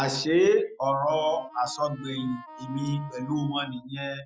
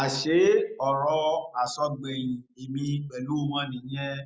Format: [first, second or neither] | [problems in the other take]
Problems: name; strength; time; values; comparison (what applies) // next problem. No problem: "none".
second | noise reduction (classical method Wiener filter)